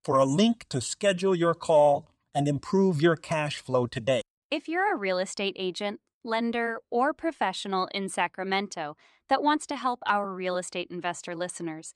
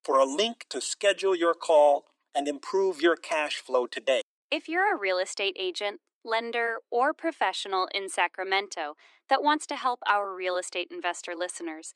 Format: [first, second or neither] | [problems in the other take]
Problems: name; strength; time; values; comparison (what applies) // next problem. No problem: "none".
first | thin; somewhat; fading below 300 Hz